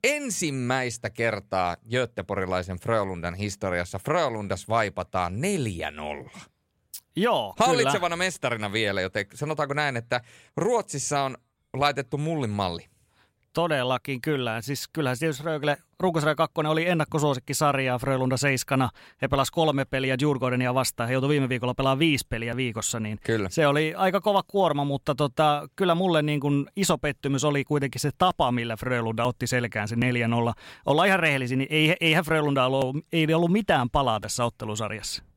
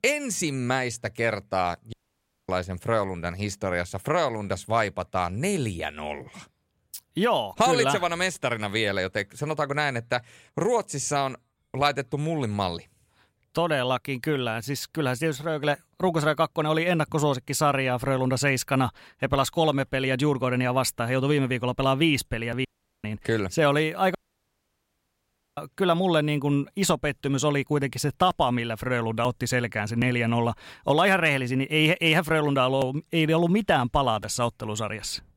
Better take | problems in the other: first | audio cutting out; at 2 s for 0.5 s, at 23 s and at 24 s for 1.5 s

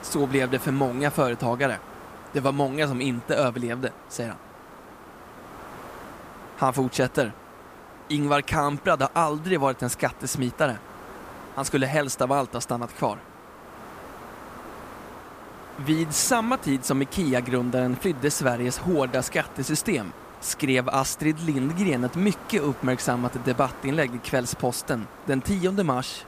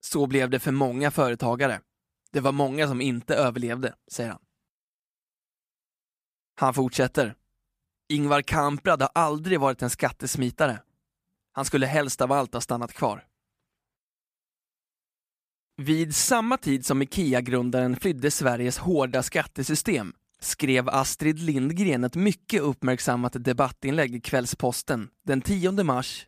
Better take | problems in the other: second | hiss; noticeable; throughout; 15 dB below the speech

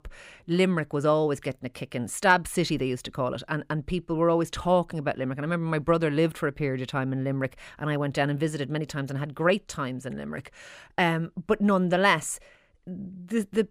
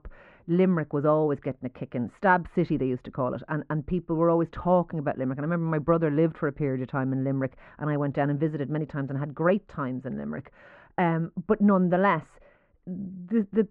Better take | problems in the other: first | muffled; very; fading above 1.5 kHz

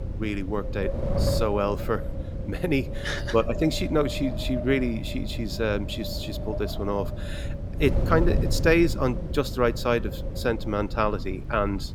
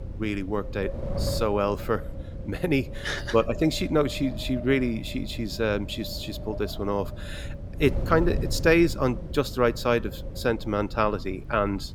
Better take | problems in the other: second | wind noise on the microphone; heavy; 9 dB below the speech; occasional gusts in the second

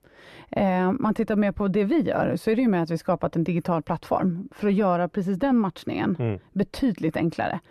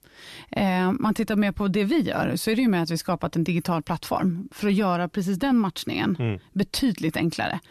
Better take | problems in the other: second | muffled; slightly; fading above 3 kHz

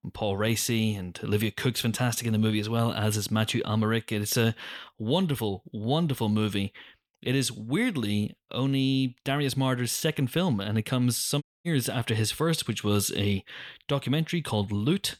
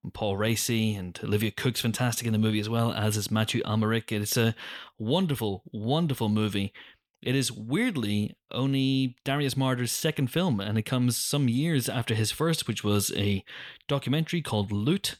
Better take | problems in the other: second | audio cutting out; at 11 s

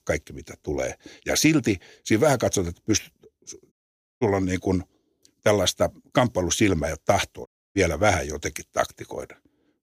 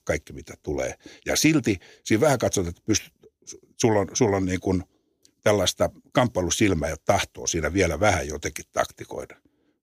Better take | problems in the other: second | audio cutting out; at 3.5 s and at 7.5 s

